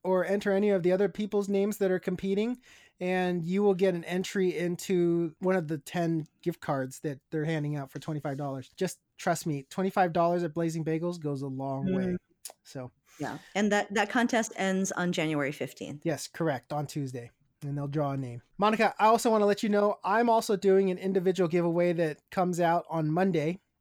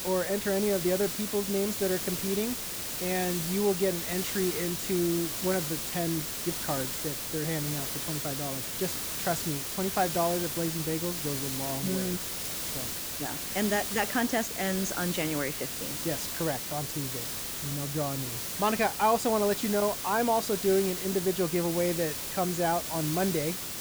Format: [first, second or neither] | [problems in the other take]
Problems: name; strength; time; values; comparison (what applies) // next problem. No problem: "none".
first | hiss; loud; throughout; 2 dB below the speech